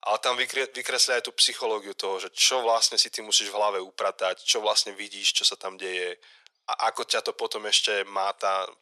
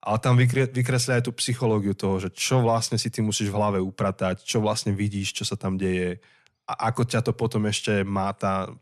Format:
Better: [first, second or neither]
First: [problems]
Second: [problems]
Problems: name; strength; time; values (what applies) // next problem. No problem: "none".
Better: second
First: thin; very; fading below 450 Hz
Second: none